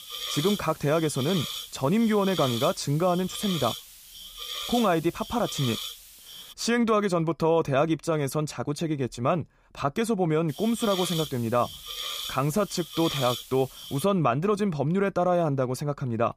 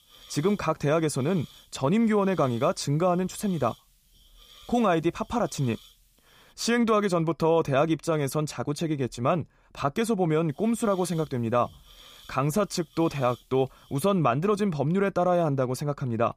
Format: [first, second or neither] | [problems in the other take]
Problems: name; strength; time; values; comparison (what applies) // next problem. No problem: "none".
second | hiss; loud; until 6.5 s and from 10 to 14 s; 8 dB below the speech; faint in the second